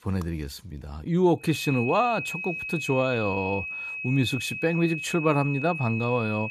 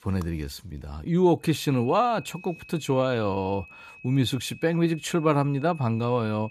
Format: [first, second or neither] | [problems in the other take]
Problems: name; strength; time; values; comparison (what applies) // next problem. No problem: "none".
second | high-pitched whine; loud; from 1.5 s on; 2.5 kHz, 6 dB below the speech; faint in the second